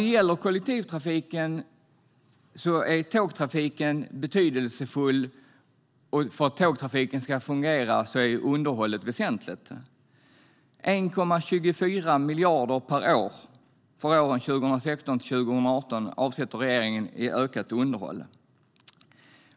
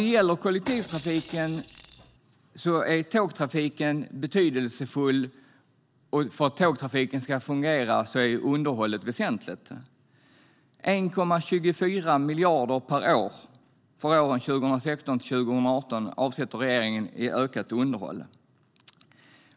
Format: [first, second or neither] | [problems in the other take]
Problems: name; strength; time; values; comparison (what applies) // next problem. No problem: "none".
first | background sound (Rattle / Rattle (instrument)); 16 dB below the speech